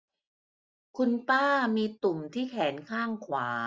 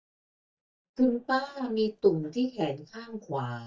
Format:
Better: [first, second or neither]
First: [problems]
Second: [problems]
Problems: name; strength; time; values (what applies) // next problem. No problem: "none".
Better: first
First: none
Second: noise reduction (neural mask model DeepFilterNet 3)